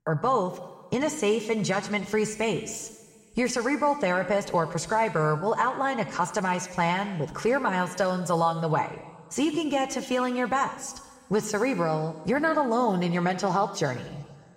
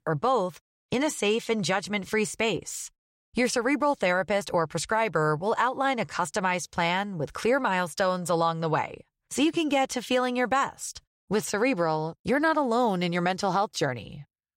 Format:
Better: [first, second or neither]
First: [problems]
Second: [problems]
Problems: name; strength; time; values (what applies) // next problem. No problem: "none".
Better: second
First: room echo; slight; dies away in 1.7 s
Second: none